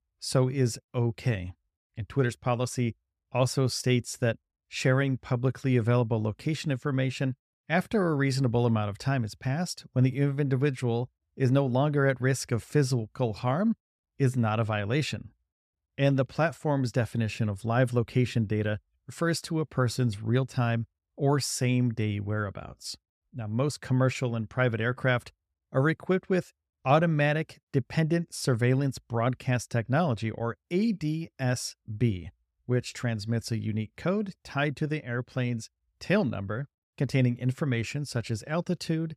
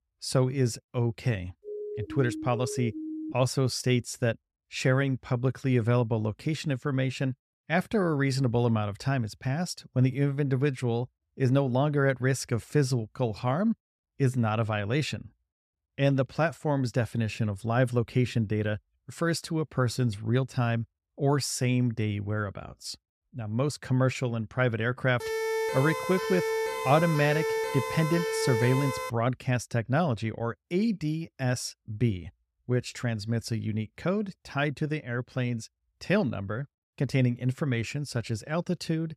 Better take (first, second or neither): first